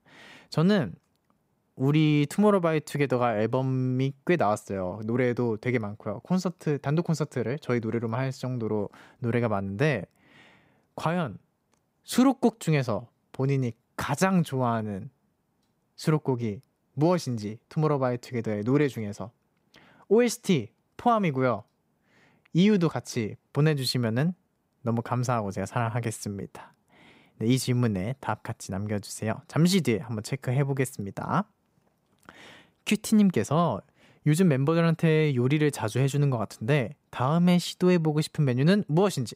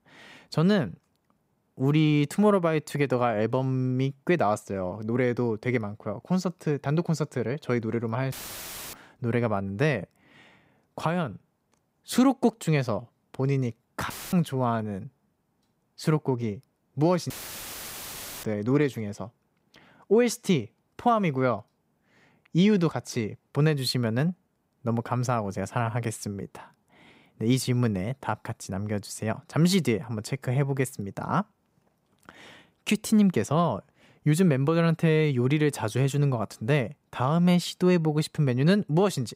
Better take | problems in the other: first | audio cutting out; filled with static; at 8.5 s for 0.5 s, at 14 s and at 17 s for 1 s

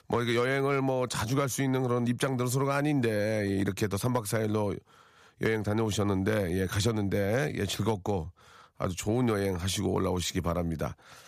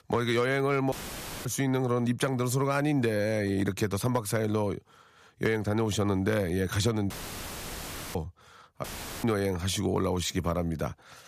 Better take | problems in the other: first | audio cutting out; filled with static; at 1 s for 0.5 s, at 7 s for 1 s and at 9 s

